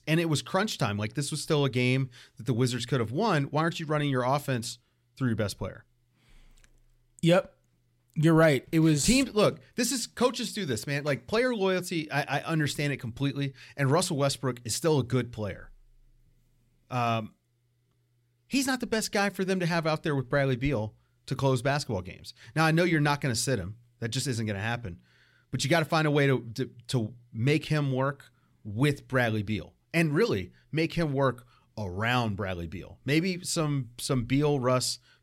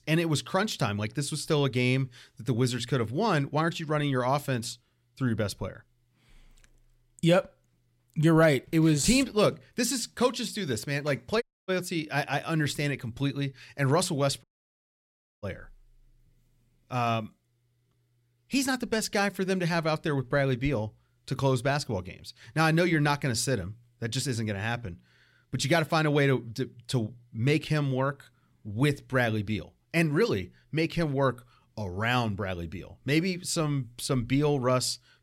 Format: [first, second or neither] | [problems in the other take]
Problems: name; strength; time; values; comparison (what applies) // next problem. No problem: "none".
first | audio cutting out; at 11 s and at 14 s for 1 s